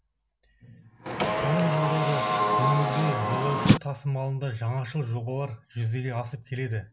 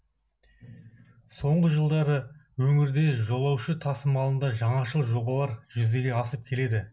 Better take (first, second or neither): second